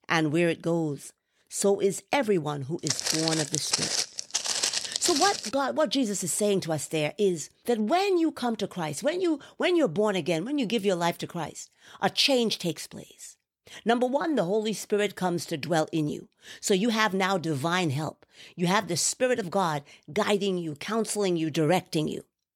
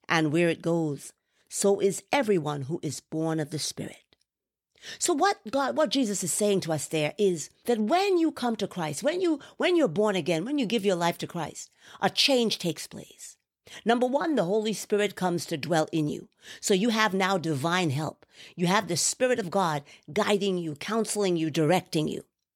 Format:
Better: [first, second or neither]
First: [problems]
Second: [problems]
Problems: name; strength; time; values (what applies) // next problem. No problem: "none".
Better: second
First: footsteps; loud; from 3 to 5.5 s; peak 2 dB above the speech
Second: none